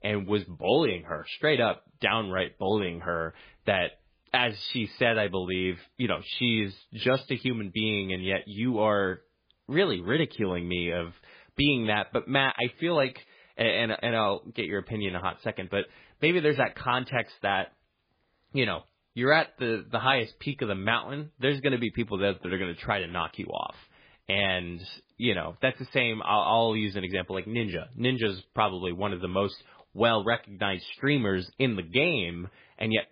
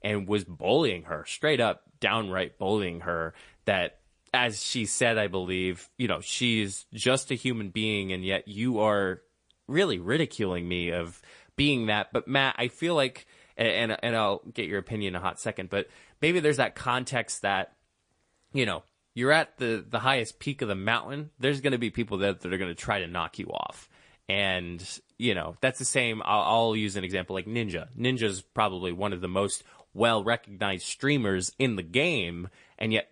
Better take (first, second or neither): second